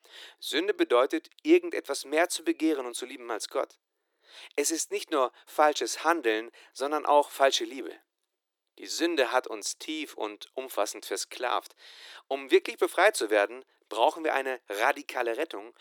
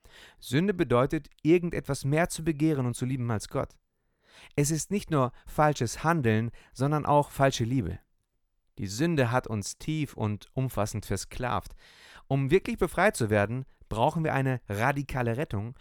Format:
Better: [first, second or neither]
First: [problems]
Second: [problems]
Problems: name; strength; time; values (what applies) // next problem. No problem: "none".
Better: second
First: thin; very; fading below 300 Hz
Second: none